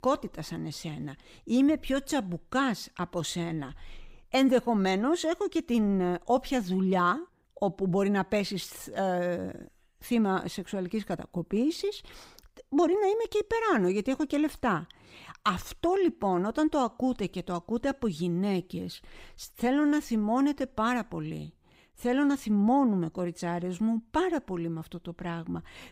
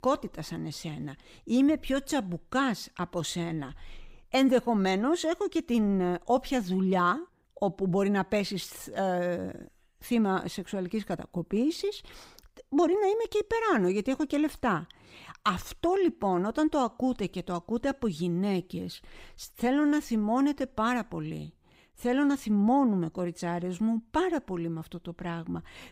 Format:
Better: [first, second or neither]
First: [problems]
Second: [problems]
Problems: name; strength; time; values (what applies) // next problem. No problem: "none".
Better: neither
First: none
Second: none